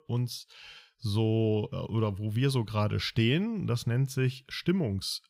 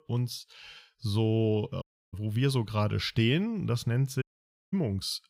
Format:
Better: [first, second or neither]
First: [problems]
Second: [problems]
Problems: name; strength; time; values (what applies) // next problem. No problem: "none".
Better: first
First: none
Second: audio cutting out; at 2 s and at 4 s for 0.5 s